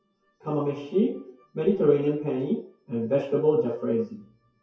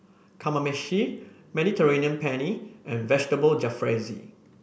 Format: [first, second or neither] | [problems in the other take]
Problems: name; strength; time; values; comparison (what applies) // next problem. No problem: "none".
second | noise reduction (classical method WPE with log-MMSE)